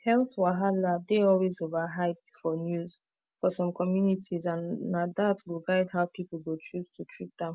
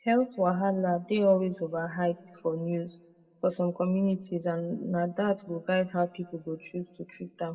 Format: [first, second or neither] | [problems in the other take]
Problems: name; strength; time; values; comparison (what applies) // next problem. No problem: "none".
first | room echo; dies away in 1 s